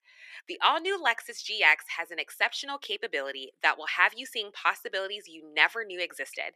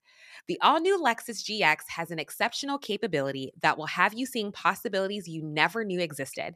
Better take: second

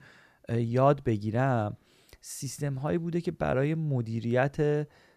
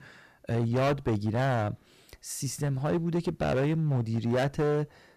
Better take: first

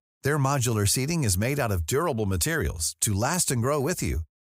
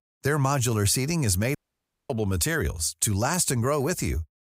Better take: first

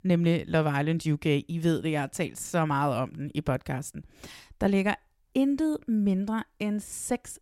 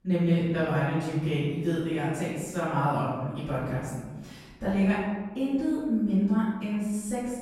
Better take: first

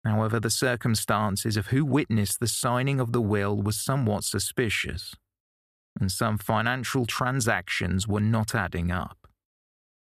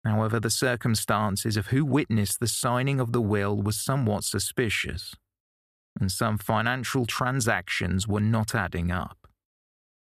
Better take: neither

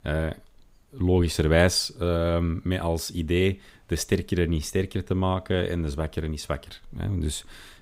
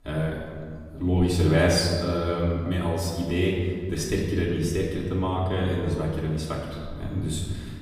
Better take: first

